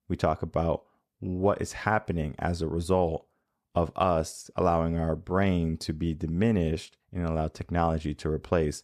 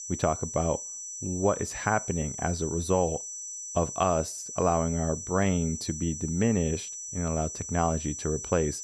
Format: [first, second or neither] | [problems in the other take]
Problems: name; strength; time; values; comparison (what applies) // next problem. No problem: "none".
first | high-pitched whine; loud; throughout; 6 kHz, 7 dB below the speech